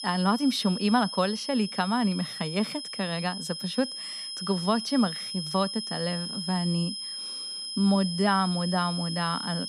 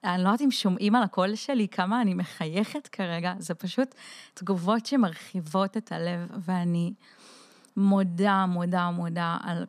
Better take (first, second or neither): second